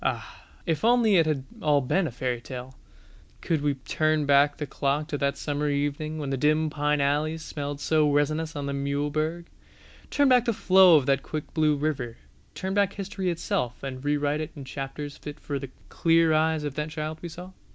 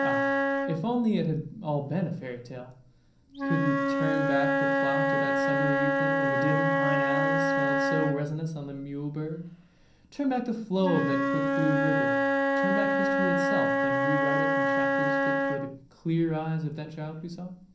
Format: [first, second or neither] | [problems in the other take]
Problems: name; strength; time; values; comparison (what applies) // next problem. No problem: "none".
first | background sound (Wind instrument, woodwind instrument); 4 dB above the speech // room echo; dies away in 0.6 s